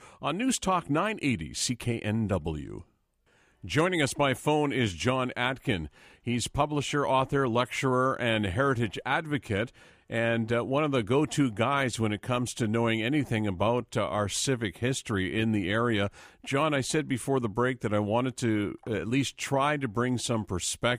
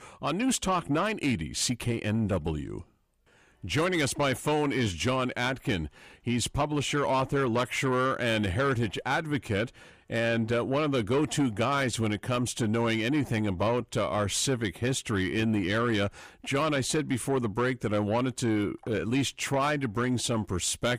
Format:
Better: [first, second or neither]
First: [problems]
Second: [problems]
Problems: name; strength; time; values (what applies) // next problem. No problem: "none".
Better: first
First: none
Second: distortion; slight; 10 dB below the speech